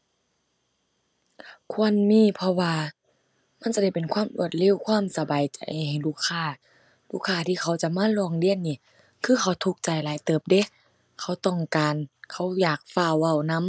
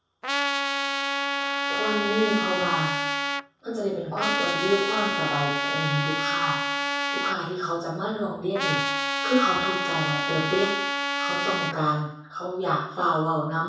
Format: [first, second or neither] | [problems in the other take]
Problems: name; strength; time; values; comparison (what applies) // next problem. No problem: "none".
first | background sound (Trumpet); 1 dB above the speech // room echo; dies away in 0.7 s